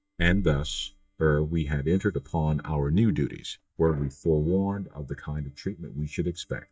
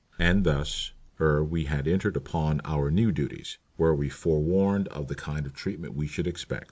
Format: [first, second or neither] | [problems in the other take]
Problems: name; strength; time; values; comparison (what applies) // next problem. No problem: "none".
second | noise reduction (neural mask model DeepFilterNet 3)